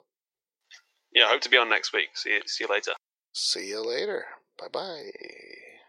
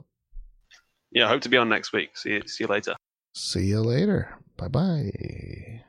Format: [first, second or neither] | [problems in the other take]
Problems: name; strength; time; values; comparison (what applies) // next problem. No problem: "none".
second | thin; very; fading below 400 Hz